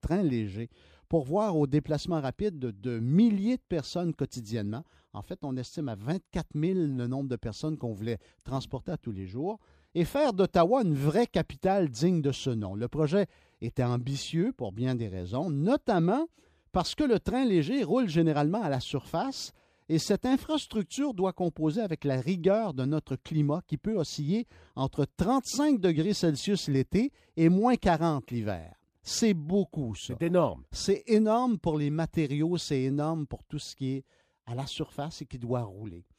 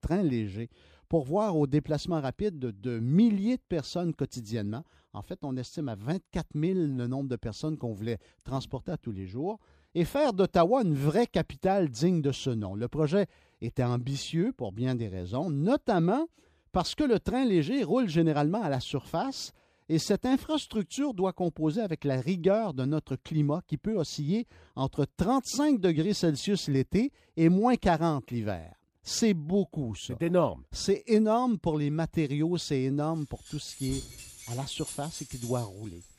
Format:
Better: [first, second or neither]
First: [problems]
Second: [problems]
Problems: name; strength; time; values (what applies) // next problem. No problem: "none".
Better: first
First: none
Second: jangling keys; faint; from 33 s on; peak 10 dB below the speech